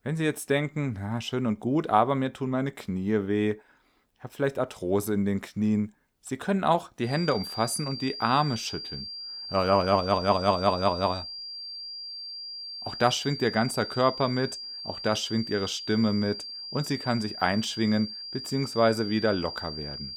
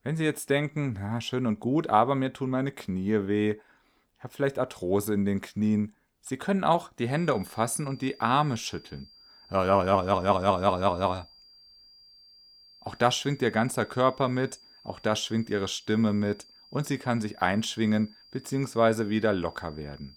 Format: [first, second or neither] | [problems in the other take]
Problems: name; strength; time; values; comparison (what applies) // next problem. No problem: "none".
second | high-pitched whine; loud; from 7 s on; 5 kHz, 8 dB below the speech; faint in the second